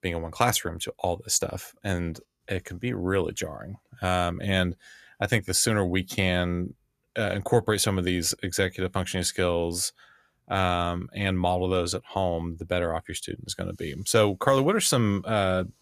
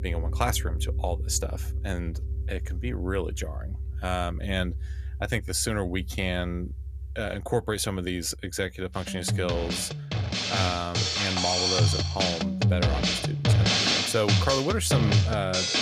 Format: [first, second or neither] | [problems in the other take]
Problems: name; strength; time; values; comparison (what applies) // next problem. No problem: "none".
first | background music; very loud; throughout; 3 dB above the speech